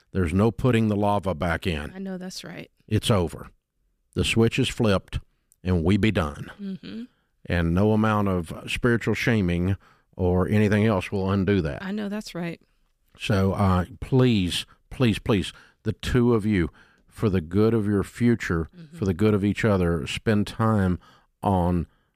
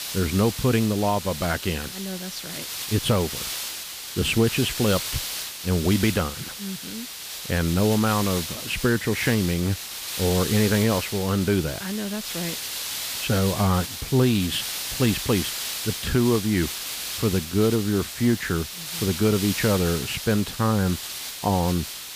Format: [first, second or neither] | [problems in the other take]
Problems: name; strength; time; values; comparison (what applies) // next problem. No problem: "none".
first | hiss; loud; throughout; 6 dB below the speech